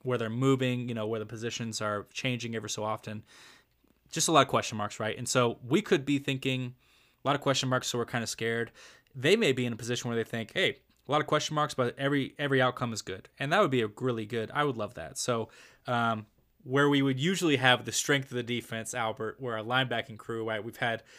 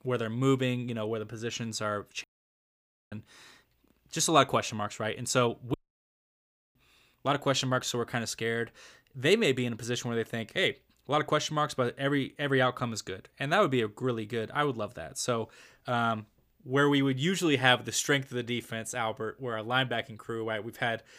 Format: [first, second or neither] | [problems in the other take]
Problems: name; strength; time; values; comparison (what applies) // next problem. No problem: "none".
first | audio cutting out; at 2 s for 1 s and at 5.5 s for 1 s